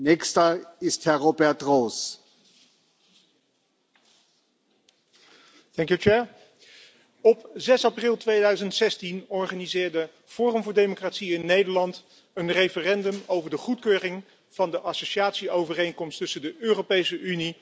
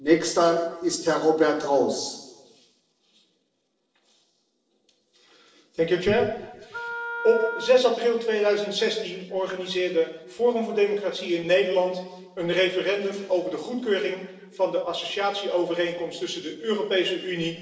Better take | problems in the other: first | noise reduction (neural separator model SepFormer DNS4)

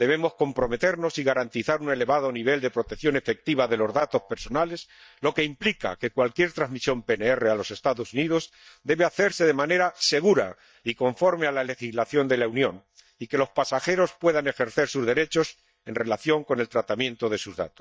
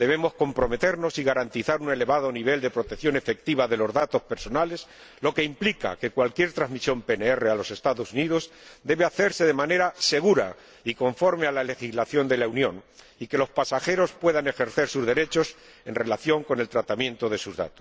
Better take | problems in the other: second | noise reduction (neural mask model DeepFilterNet 3)

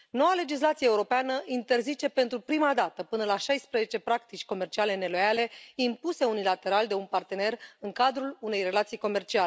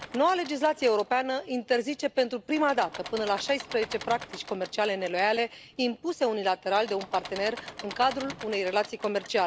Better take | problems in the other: first | background sound (Engine / Mechanisms); 16 dB below the speech

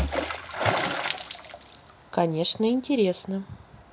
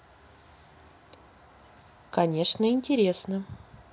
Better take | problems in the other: second | background sound (Water / Splash, splatter); 3 dB below the speech

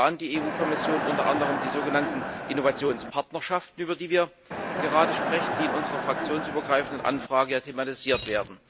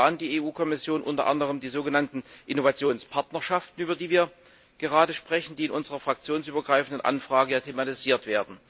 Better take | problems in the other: second | background sound (Coin (dropping) + Crowd); 3 dB below the speech

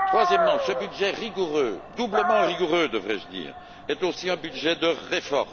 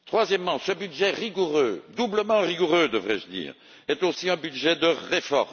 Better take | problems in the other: second | background sound (Dog); 3 dB below the speech

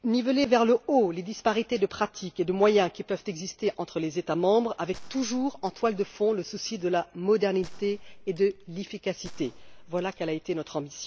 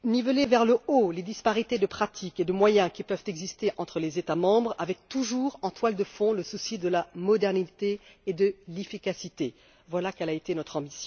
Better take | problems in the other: second | background sound (Gunshot, gunfire); 17 dB below the speech

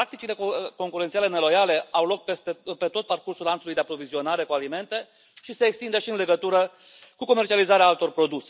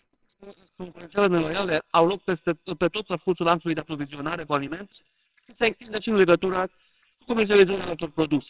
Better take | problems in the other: first | noise reduction (neural separator model SepFormer WHAMR!)

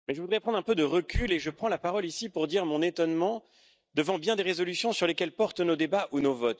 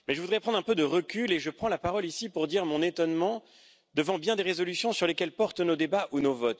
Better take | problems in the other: second | noise reduction (neural mask model DeepFilterNet 3)

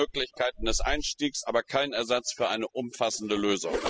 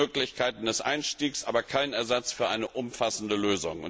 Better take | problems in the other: second | noise reduction (classical method spectral subtraction)

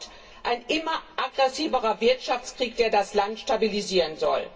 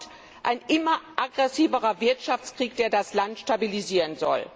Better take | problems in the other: second | room echo; dies away in 0.1 s

